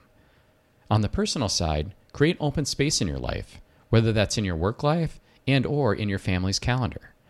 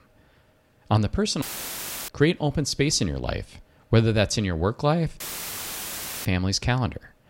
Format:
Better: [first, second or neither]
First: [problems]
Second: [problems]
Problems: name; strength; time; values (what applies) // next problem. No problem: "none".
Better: first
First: none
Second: audio cutting out; filled with static; at 1.5 s for 0.5 s and at 5 s for 1 s